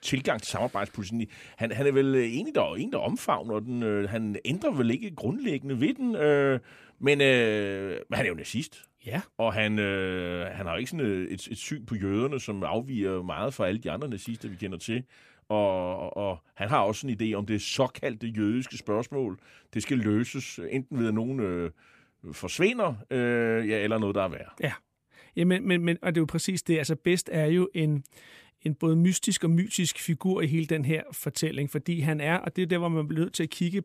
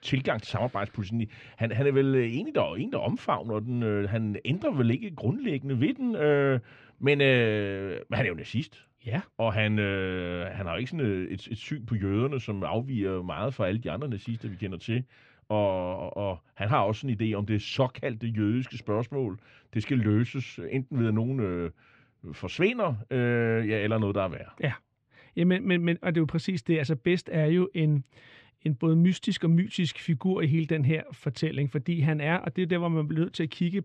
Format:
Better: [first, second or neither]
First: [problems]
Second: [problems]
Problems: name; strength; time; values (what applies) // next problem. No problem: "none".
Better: first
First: none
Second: muffled; slightly; fading above 4 kHz